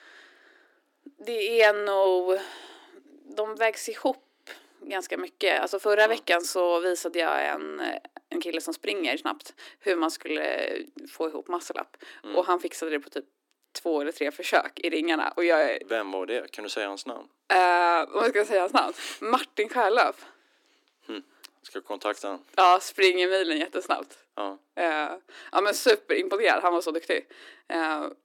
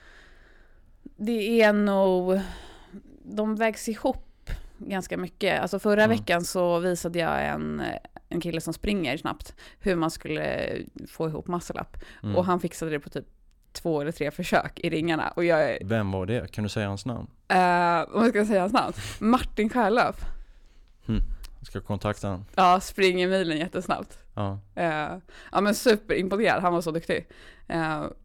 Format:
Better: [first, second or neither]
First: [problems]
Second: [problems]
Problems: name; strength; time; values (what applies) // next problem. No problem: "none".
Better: second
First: thin; somewhat; fading below 300 Hz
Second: none